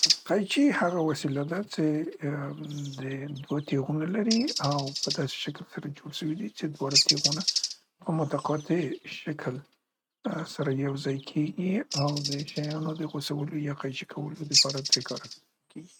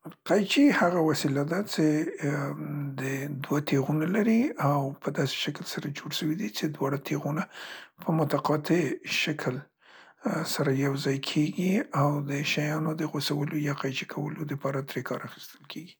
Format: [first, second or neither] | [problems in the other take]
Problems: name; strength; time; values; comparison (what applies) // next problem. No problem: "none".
second | noise reduction (neural mask model RNNoise)